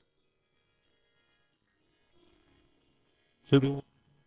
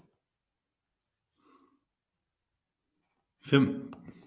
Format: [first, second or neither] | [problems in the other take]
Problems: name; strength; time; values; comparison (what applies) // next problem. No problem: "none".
second | noise reduction (neural separator model SepFormer WHAMR!)